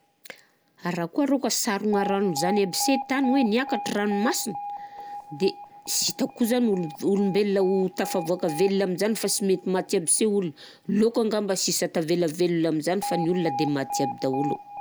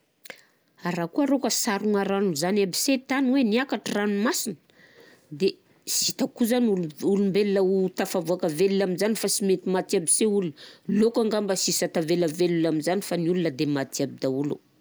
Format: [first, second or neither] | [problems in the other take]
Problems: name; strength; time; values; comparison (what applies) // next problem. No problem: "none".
second | background sound (Alarm); 11 dB below the speech